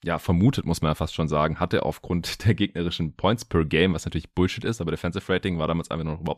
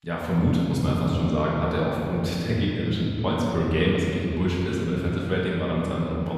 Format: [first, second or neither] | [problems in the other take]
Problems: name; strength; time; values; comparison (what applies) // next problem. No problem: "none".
first | room echo; strong; dies away in 3 s // off-mic speech; far